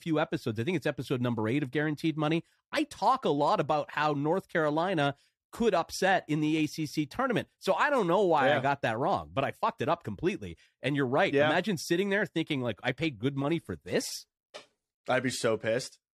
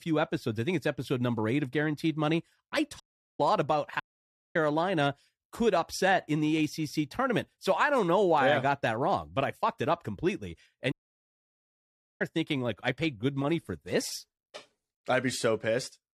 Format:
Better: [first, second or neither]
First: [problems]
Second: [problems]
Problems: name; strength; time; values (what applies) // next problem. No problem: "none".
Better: first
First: none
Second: audio cutting out; at 3 s, at 4 s for 0.5 s and at 11 s for 1.5 s